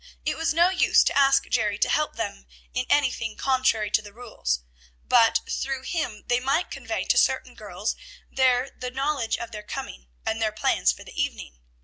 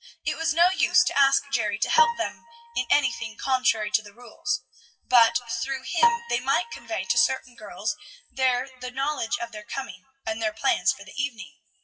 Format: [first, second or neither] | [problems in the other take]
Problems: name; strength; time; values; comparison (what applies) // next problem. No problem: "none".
first | noise reduction (classical method WPE with log-MMSE)